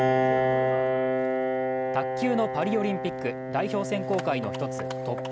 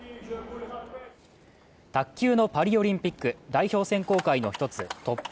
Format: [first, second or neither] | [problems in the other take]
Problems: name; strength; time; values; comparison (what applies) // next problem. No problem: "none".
second | background sound (Piano); 3 dB above the speech